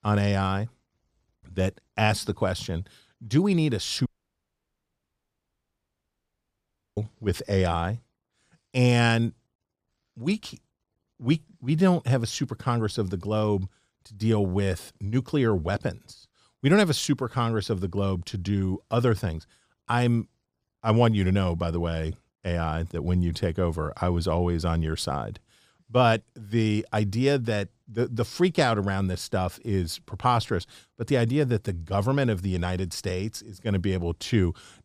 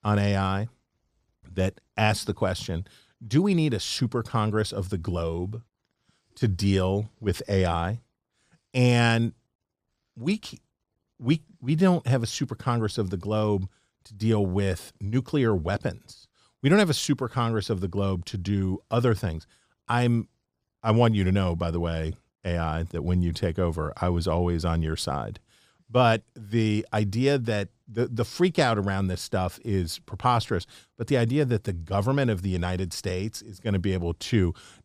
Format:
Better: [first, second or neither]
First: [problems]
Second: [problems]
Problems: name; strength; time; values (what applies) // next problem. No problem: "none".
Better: second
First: audio cutting out; at 4 s for 3 s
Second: none